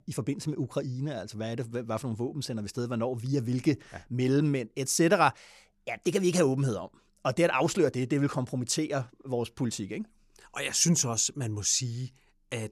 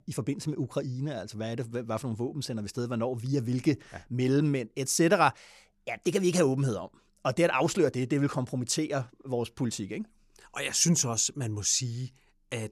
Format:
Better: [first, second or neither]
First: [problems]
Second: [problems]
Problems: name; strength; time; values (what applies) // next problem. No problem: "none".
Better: neither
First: none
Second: none